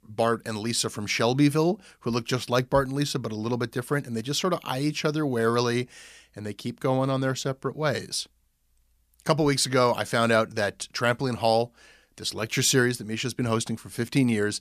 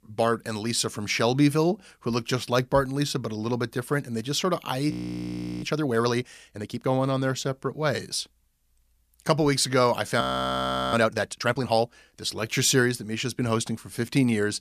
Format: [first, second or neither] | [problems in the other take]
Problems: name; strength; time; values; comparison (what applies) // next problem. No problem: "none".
first | audio freezing; at 5 s for 0.5 s and at 10 s for 0.5 s